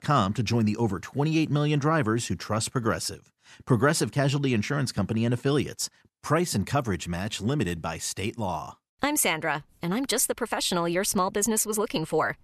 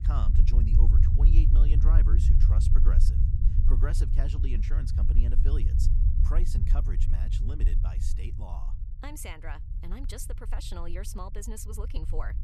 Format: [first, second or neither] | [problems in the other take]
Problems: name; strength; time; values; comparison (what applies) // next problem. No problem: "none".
first | low rumble; loud; throughout; 1 dB below the speech